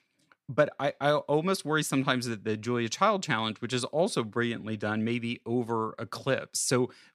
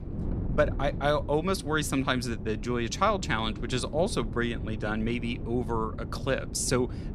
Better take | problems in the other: first | wind noise on the microphone; occasional gusts; 15 dB below the speech

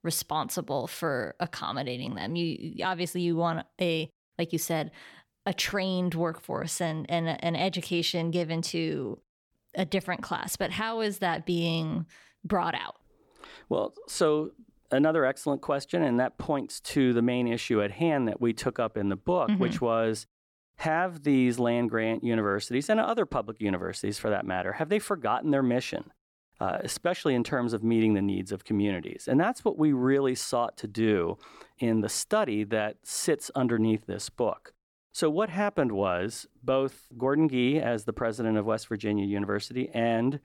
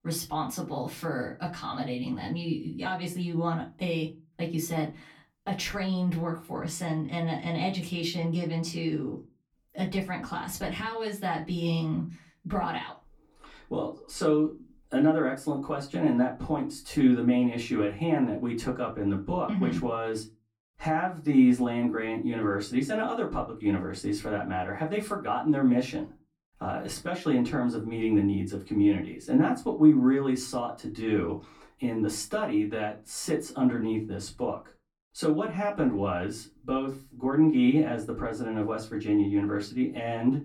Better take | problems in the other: first | off-mic speech; far // room echo; very slight; dies away in 0.2 s

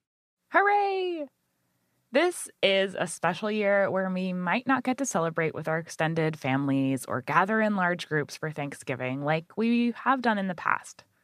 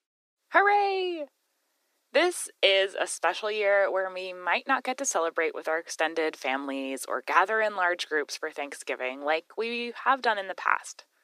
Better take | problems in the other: first | thin; somewhat; fading below 300 Hz

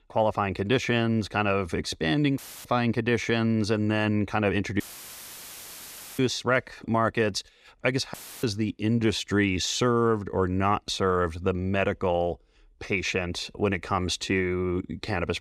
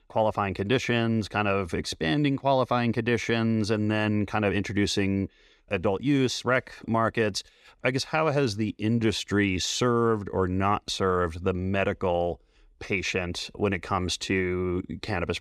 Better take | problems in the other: second | audio cutting out; filled with static; at 2.5 s, at 5 s for 1.5 s and at 8 s

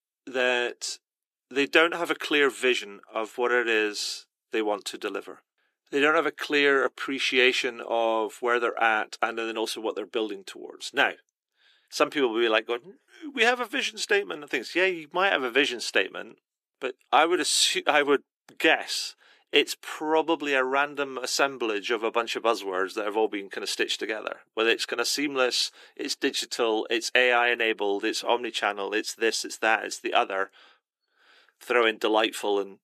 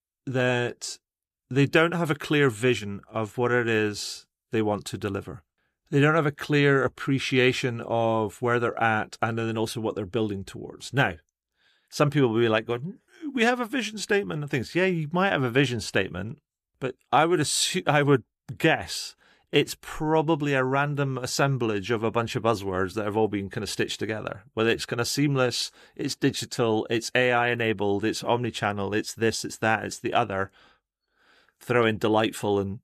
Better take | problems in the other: second | thin; somewhat; fading below 300 Hz

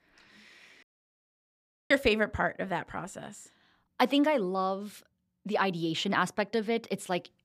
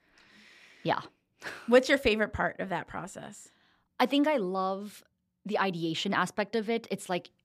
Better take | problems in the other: second | audio cutting out; at 1 s for 1 s

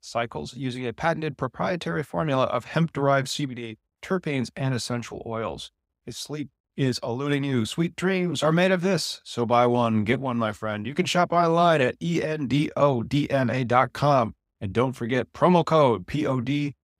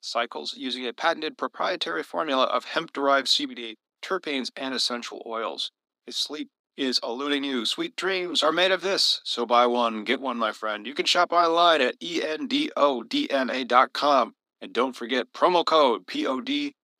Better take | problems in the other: first | thin; very slightly; fading below 250 Hz

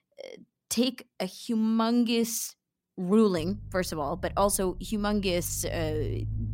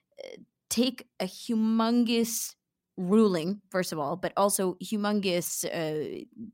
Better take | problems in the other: second | low rumble; very faint; from 3.5 s on; 25 dB below the speech

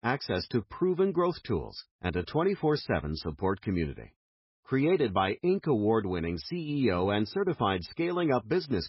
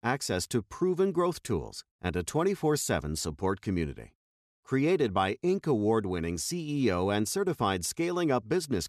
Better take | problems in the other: second | garbled, watery; badly; nothing above 5.5 kHz

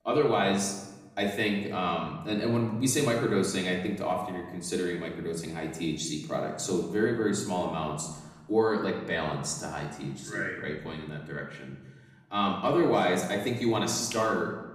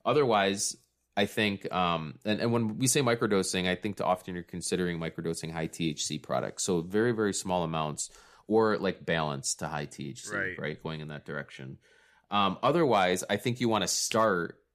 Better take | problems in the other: second | room echo; noticeable; dies away in 0.9 s // off-mic speech; far

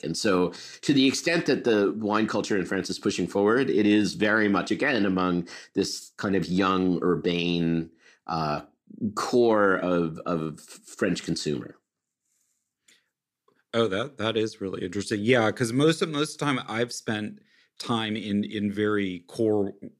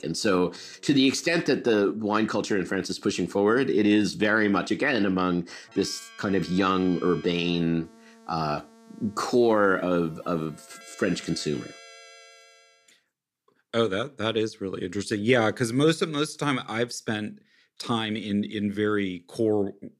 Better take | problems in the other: first | background music; faint; until 12 s; 25 dB below the speech

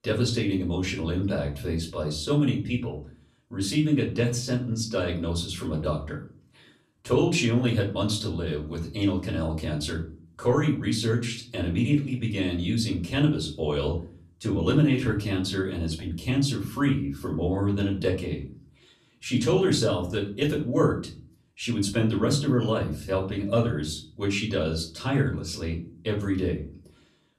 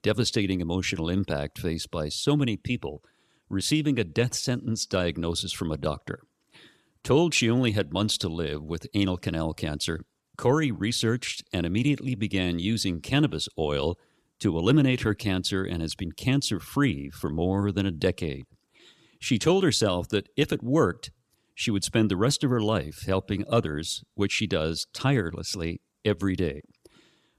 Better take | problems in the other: second | off-mic speech; far // room echo; slight; dies away in 0.4 s

